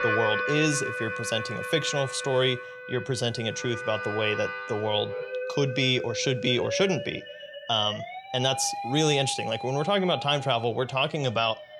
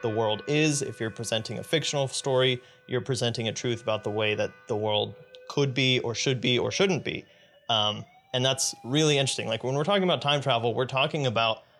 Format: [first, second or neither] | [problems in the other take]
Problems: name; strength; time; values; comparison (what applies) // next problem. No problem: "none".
second | background music; loud; throughout; 7 dB below the speech; faint in the second